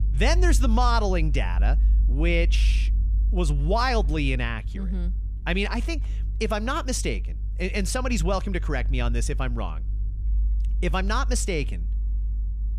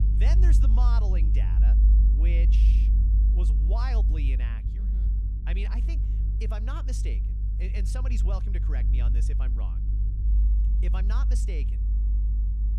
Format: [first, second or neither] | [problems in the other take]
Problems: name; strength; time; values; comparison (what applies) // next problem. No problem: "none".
first | low rumble; loud; throughout; 3 dB below the speech; faint in the first